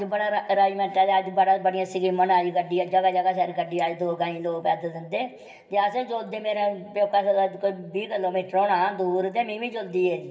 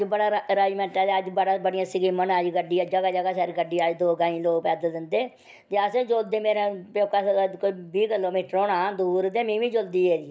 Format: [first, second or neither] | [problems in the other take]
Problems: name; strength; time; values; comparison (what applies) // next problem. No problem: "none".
second | room echo; dies away in 2.1 s